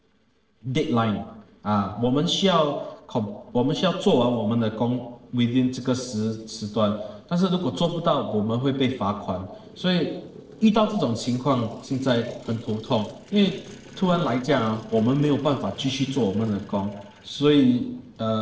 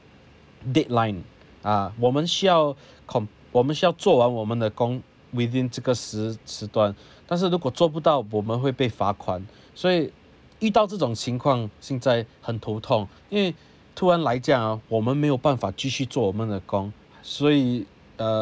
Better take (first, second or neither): second